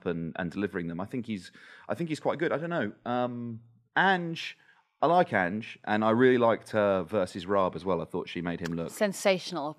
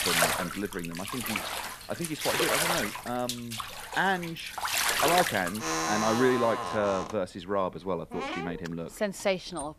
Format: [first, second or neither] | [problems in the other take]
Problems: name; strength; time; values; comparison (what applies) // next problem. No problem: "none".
first | household noises; very loud; throughout; 1 dB above the speech